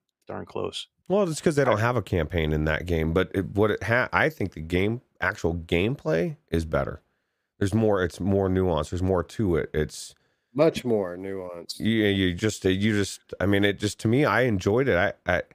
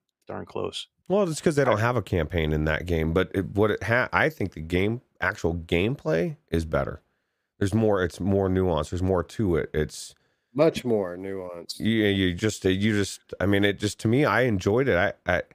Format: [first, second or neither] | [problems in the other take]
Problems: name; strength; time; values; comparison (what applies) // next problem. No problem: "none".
neither | none